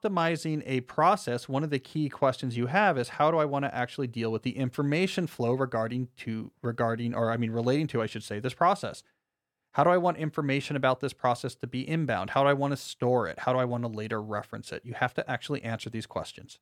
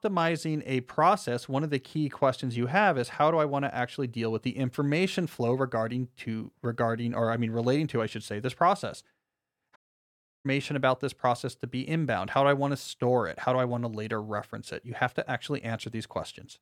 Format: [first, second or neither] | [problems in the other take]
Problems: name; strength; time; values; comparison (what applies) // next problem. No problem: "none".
first | audio cutting out; at 10 s for 0.5 s